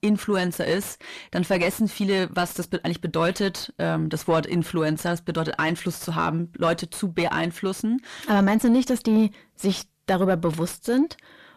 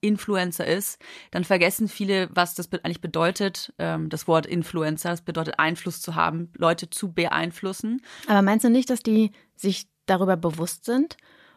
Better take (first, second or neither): second